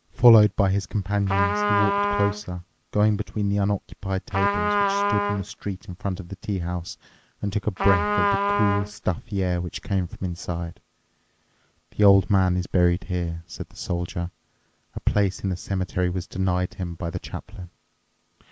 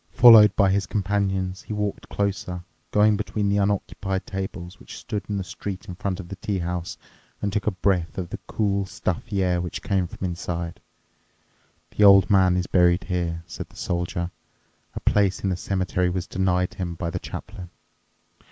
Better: second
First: background sound (Trumpet); 1 dB below the speech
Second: none

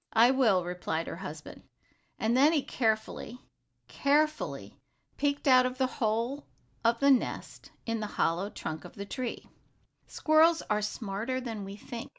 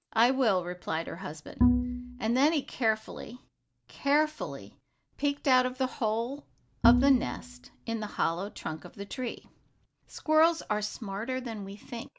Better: first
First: none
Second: background sound (Bowed string instrument); 1 dB above the speech

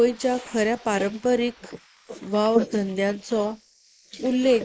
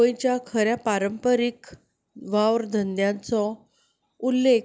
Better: second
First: noise reduction (neural mask model Resemble Enhance denoiser)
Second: none

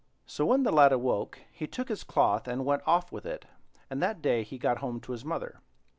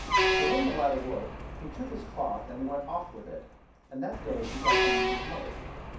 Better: first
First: none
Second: background sound (Truck); 3 dB above the speech // room echo; dies away in 0.6 s

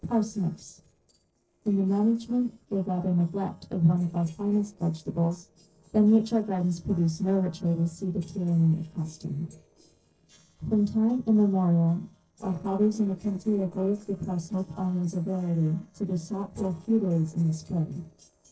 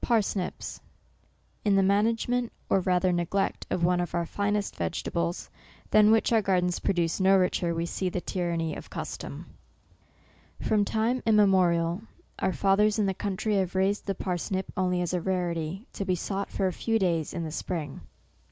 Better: second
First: noise reduction (neural separator model SepFormer DNS4)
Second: none

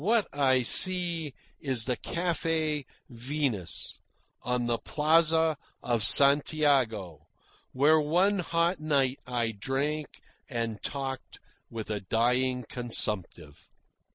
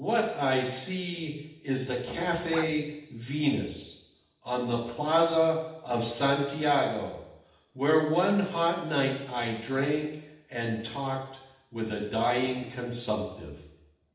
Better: first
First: none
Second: background sound (Bark); 13 dB below the speech // room echo; dies away in 0.8 s

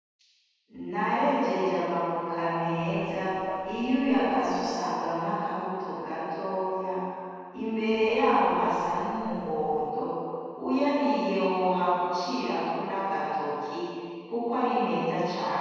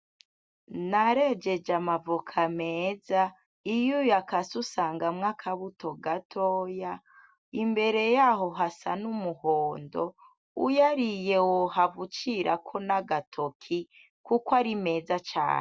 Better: second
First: background sound (Dog); 18 dB below the speech // room echo; dies away in 2.1 s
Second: none

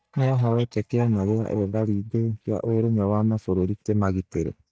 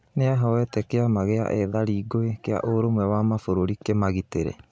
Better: second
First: noise reduction (neural mask model DeepFilterNet 3)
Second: none

